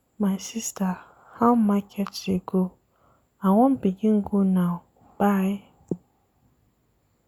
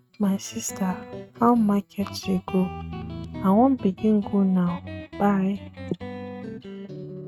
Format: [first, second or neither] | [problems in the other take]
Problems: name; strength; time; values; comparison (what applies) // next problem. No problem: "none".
first | noise reduction (neural mask model RNNoise)